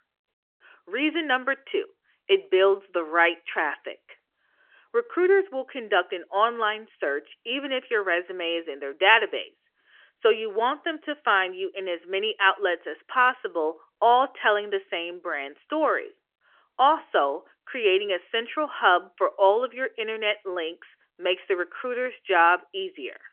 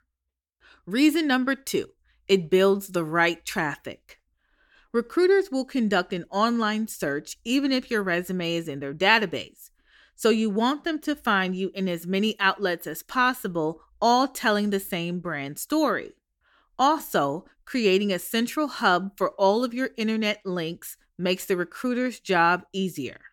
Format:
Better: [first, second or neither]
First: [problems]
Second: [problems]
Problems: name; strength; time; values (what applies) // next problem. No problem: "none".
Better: second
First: phone-call audio; nothing above 3 kHz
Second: none